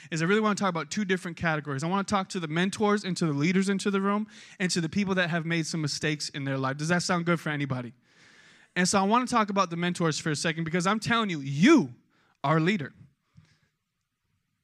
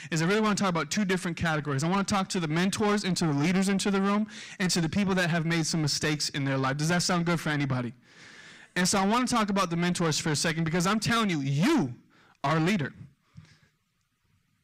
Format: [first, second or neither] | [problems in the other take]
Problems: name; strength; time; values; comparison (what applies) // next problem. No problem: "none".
first | distortion; heavy; 7 dB below the speech